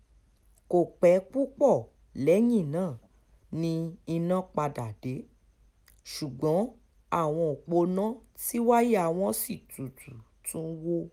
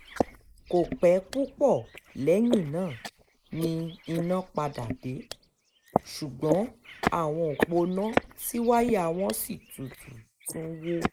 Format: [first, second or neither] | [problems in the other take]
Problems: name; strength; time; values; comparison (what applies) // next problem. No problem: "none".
first | noise reduction (neural mask model Resemble Enhance denoiser)